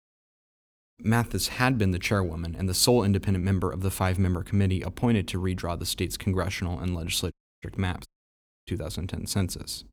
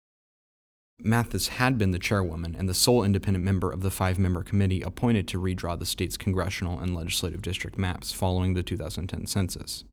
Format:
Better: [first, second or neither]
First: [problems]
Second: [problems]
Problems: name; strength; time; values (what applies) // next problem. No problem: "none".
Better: second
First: audio cutting out; at 7.5 s and at 8 s for 0.5 s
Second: none